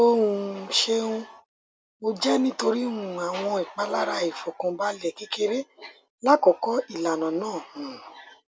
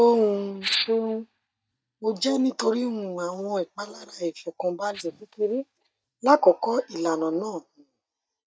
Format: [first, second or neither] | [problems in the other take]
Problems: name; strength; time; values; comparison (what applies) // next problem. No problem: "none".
first | noise reduction (neural mask model DeepFilterNet 3)